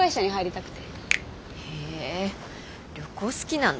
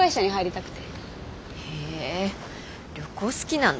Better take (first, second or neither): second